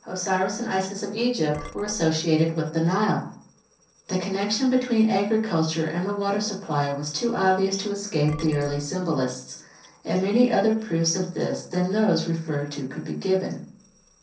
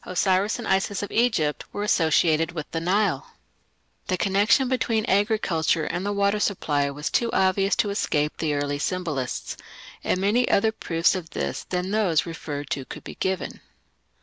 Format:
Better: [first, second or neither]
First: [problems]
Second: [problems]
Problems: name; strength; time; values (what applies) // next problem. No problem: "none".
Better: second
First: noise reduction (neural separator model SepFormer DNS4)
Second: none